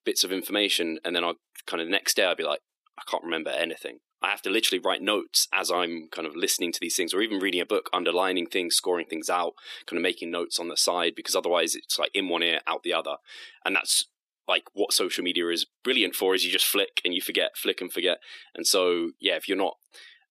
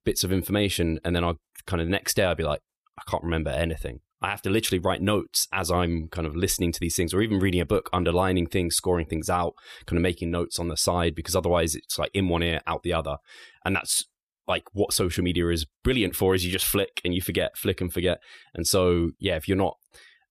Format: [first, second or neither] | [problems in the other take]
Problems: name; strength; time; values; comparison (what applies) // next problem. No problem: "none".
second | thin; somewhat; fading below 250 Hz